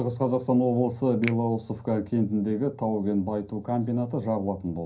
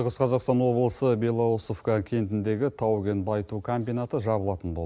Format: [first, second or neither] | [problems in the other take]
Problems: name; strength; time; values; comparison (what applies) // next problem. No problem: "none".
second | background sound (Finger snapping); 19 dB below the speech // room echo; dies away in 0.3 s